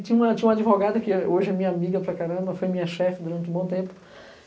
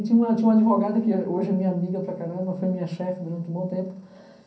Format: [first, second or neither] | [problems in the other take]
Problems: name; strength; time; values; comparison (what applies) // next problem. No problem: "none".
first | room echo; dies away in 0.6 s